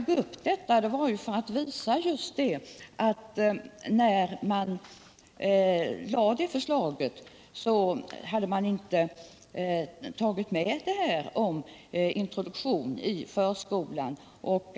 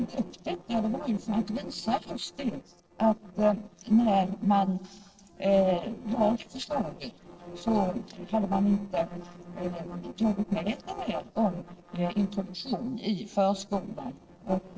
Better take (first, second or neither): first